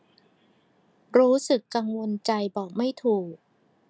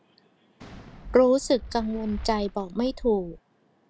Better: first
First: none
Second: background sound (Fireworks); 14 dB below the speech

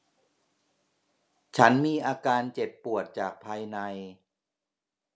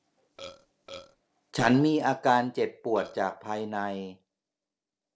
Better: first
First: none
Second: noise reduction (neural separator model SepFormer DNS4)

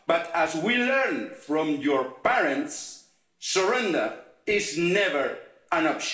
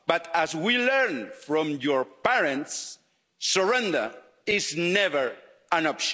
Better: second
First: room echo; dies away in 0.5 s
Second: none

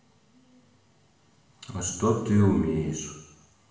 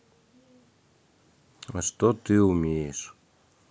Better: second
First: room echo; dies away in 1 s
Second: none

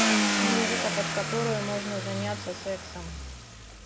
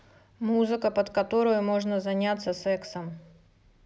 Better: second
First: background sound (Car); 4 dB above the speech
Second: none

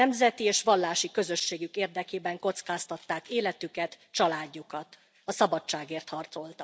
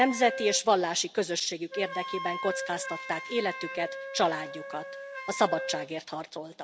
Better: first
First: none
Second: background sound (Wind instrument, woodwind instrument); 9 dB below the speech

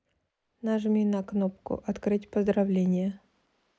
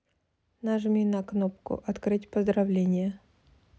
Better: second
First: noise reduction (neural mask model Resemble Enhance denoiser)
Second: none

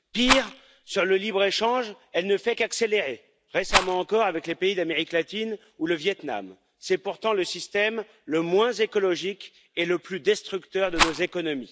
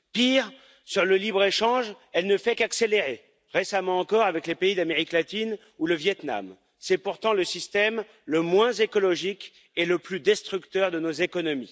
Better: second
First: background sound (Rattle); 1 dB below the speech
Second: none

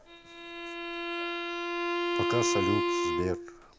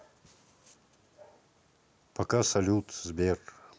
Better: second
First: background sound (Bowed string instrument); 5 dB above the speech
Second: none

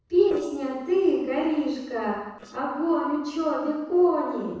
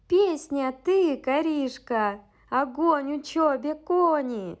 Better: second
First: noise reduction (neural separator model SepFormer DNS4)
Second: none

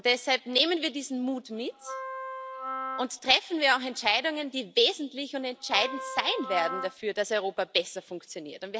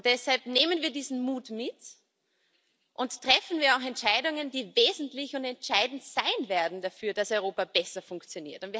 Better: second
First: background sound (Wind instrument, woodwind instrument); 8 dB below the speech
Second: none

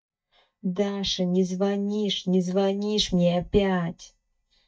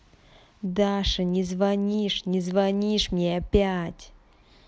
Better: second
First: noise reduction (neural mask model DeepFilterNet 3)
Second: none

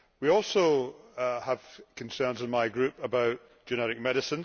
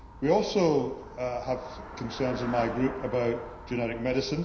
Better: first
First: none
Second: background sound (Traffic noise, roadway noise / Bicycle); 13 dB below the speech // room echo; dies away in 0.9 s

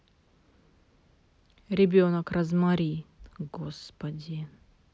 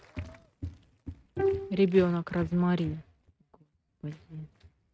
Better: first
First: none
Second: noise reduction (neural mask model RNNoise)

